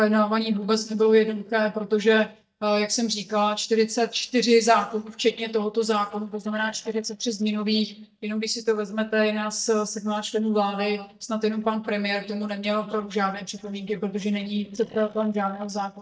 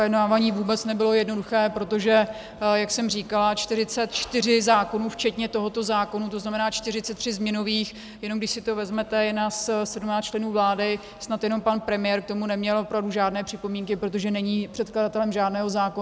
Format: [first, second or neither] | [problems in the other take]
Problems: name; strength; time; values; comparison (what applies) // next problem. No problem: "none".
second | noise reduction (neural mask model DeepFilterNet 3)